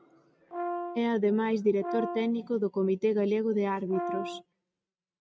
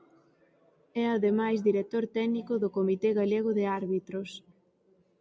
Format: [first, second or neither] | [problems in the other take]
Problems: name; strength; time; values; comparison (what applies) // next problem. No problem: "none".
second | noise reduction (neural mask model RNNoise)